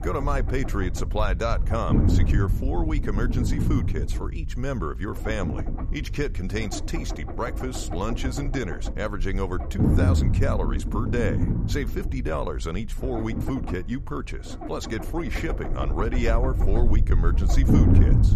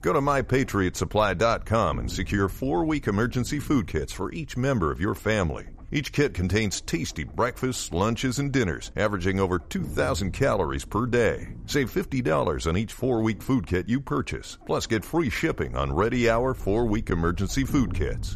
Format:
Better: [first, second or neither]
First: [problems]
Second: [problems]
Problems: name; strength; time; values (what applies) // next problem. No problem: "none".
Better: second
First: low rumble; loud; throughout; 4 dB below the speech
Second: low rumble; faint; throughout; 25 dB below the speech